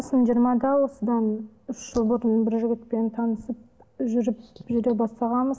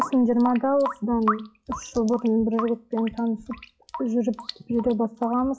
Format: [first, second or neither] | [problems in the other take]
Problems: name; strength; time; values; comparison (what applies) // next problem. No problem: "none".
first | noise reduction (classical method log-MMSE)